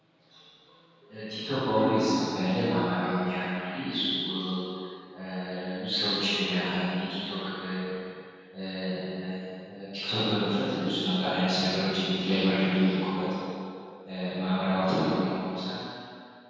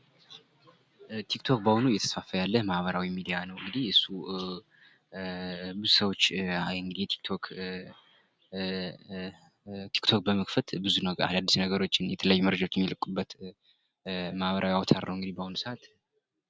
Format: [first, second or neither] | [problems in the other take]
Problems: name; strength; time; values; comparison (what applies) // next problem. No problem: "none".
second | room echo; dies away in 2.2 s